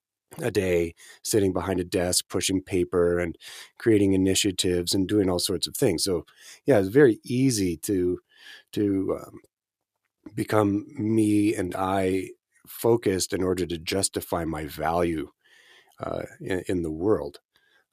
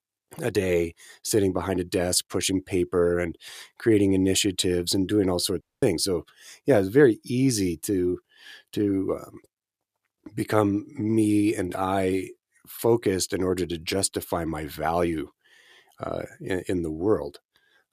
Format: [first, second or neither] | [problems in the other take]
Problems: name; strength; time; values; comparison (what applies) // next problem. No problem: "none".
first | audio cutting out; at 5.5 s